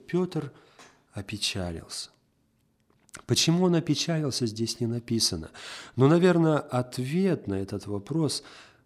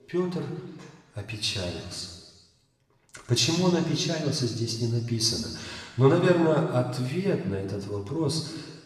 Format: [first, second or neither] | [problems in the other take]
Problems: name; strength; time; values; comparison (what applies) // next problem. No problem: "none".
first | room echo; noticeable; dies away in 1.2 s // off-mic speech; somewhat distant